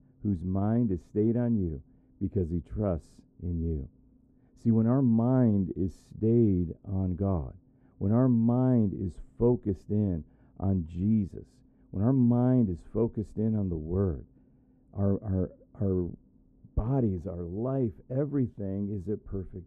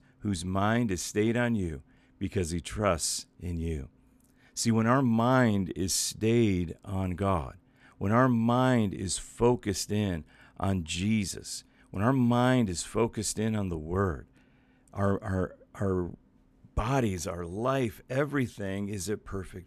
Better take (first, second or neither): second